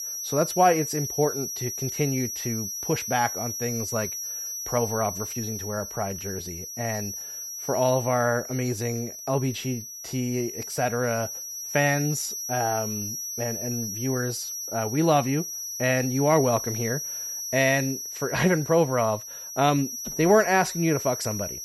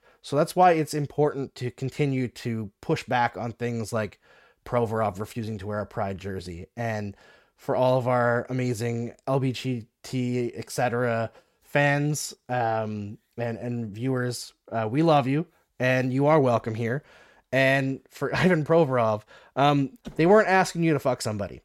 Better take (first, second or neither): second